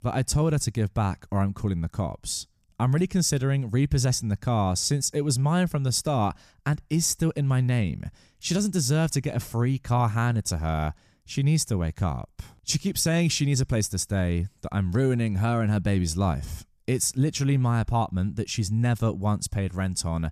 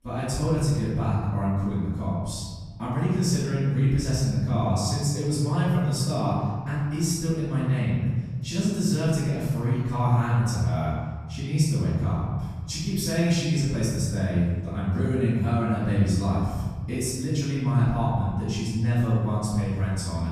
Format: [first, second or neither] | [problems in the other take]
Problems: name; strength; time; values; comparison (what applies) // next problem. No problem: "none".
first | off-mic speech; far // room echo; strong; dies away in 1.7 s